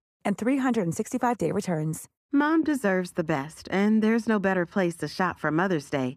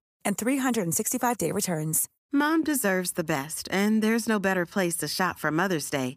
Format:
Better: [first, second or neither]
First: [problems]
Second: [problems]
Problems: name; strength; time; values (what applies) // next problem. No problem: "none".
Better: second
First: muffled; slightly; fading above 1.5 kHz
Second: none